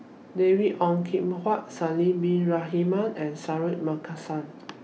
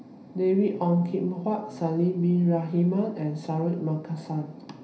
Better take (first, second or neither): first